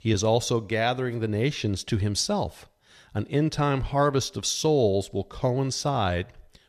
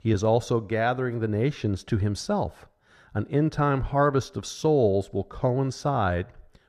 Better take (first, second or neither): first